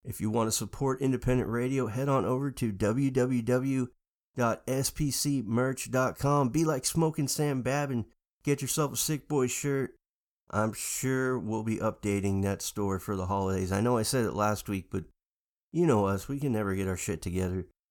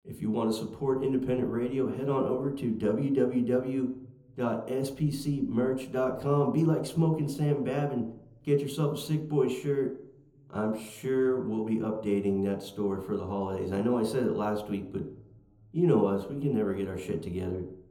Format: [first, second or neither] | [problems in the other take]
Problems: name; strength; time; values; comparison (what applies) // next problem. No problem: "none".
first | room echo; slight; dies away in 0.8 s